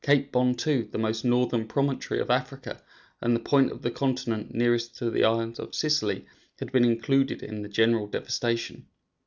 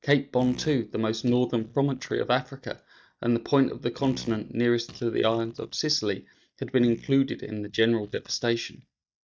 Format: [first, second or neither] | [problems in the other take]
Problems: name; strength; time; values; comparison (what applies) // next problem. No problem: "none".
first | noise reduction (neural mask model DeepFilterNet 3)